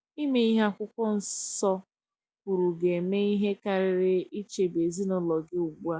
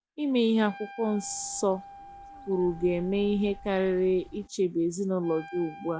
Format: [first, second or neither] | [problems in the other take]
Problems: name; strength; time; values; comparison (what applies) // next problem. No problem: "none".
first | background sound (Wind instrument, woodwind instrument + Bird); 18 dB below the speech